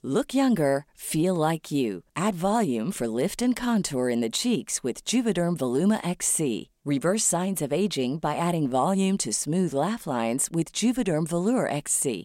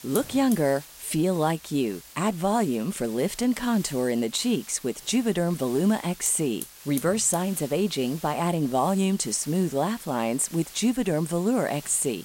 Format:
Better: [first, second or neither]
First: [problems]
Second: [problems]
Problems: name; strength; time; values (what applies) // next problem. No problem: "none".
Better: first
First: none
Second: hiss; noticeable; throughout; 15 dB below the speech